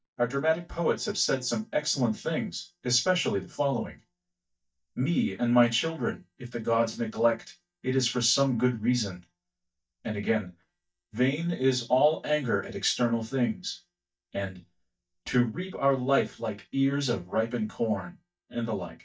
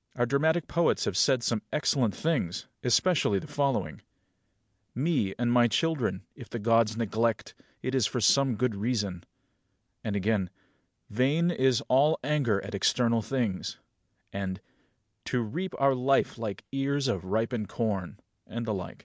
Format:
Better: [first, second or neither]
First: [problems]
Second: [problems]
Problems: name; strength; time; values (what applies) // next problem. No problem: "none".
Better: second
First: noise reduction (neural mask model DeepFilterNet 3)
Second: none